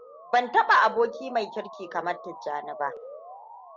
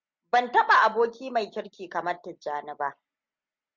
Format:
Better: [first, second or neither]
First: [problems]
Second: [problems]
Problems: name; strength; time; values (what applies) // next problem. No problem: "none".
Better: second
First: background sound (Motor vehicle (road) / Siren); 15 dB below the speech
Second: none